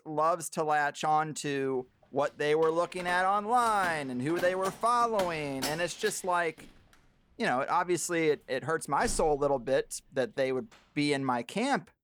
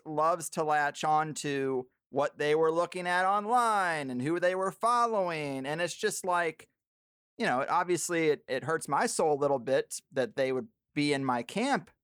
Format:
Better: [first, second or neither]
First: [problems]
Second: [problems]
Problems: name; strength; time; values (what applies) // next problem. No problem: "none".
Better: second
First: door banging; noticeable; from 2.5 to 9.5 s; peak 7 dB below the speech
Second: none